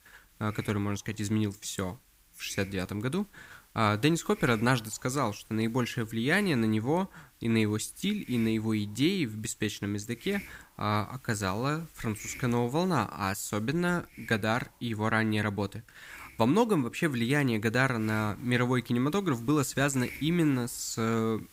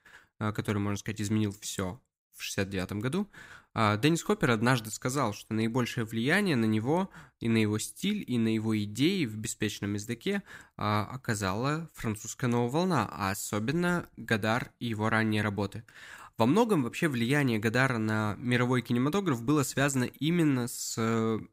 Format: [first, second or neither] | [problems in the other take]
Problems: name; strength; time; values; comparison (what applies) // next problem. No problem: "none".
second | hiss; faint; throughout; 20 dB below the speech